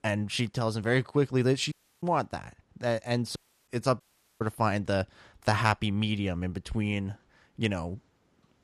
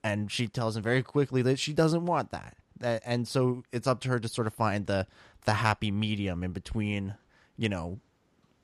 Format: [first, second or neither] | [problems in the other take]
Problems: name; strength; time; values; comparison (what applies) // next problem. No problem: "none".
second | audio cutting out; at 1.5 s, at 3.5 s and at 4 s